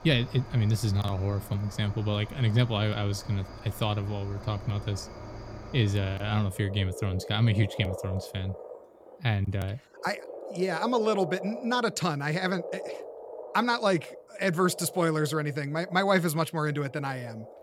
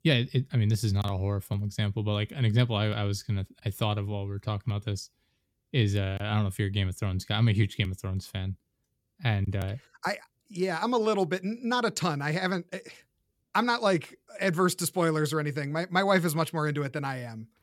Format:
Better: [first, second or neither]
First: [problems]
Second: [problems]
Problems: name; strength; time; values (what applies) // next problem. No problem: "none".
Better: second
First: animal sounds; noticeable; throughout; 15 dB below the speech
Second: none